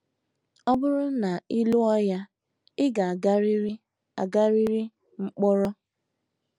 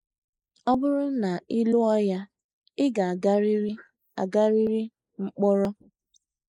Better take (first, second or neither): first